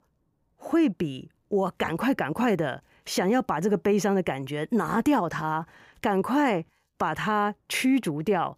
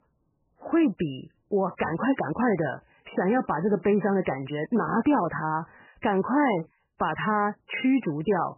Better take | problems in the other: first | garbled, watery; badly; nothing above 3 kHz

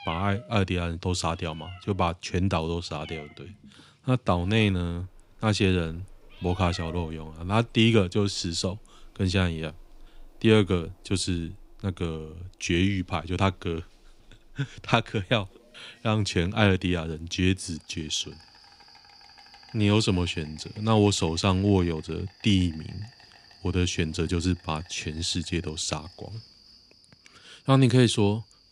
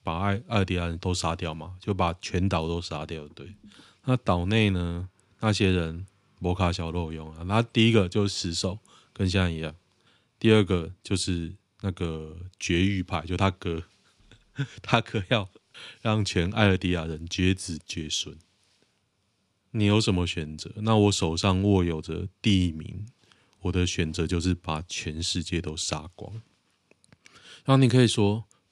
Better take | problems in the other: second | animal sounds; faint; throughout; 25 dB below the speech

